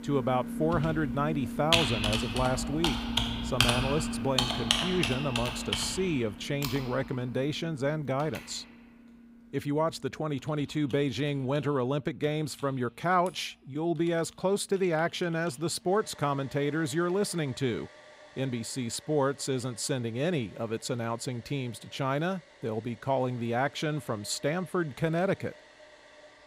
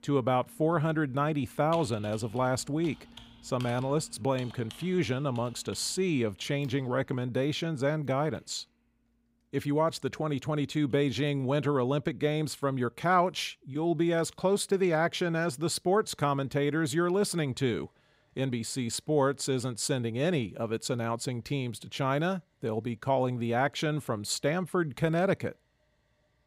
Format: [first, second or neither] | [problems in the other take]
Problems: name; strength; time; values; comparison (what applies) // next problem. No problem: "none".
second | household noises; loud; throughout; as loud as the speech; faint in the second